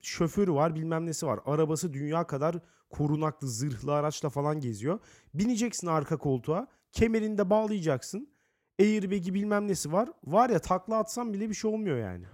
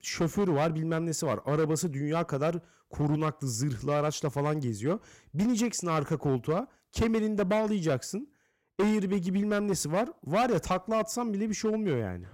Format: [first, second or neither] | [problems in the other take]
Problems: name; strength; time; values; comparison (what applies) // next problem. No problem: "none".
first | distortion; slight; 8% of the sound clipped